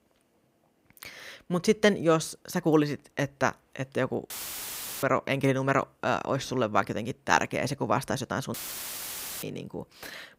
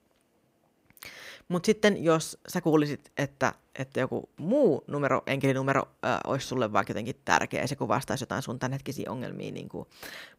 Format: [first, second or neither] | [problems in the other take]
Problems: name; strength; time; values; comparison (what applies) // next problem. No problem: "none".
second | audio cutting out; filled with static; at 4.5 s for 0.5 s and at 8.5 s for 1 s